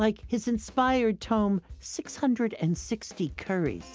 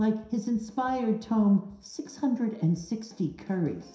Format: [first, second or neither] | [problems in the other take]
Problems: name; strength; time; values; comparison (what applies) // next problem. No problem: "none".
first | room echo; dies away in 0.7 s